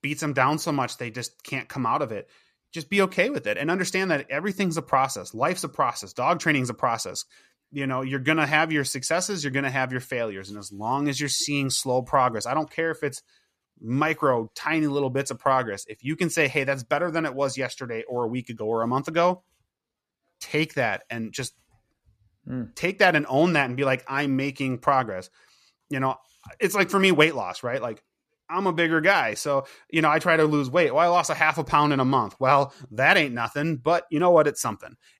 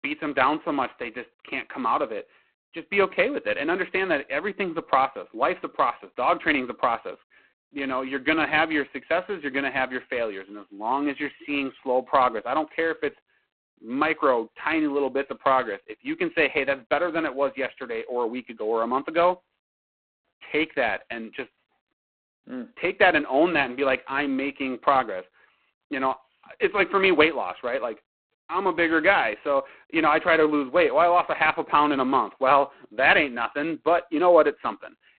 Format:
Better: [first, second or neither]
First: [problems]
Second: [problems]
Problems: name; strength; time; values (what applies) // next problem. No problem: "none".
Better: first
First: none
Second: phone-call audio; poor line; nothing above 4 kHz